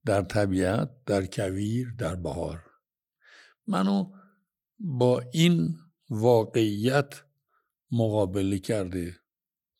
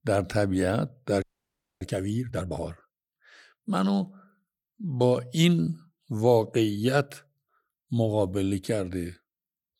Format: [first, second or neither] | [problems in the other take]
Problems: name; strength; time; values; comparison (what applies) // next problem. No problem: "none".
first | audio freezing; at 1 s for 0.5 s